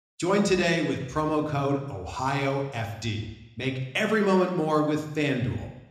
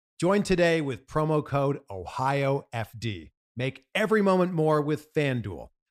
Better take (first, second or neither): second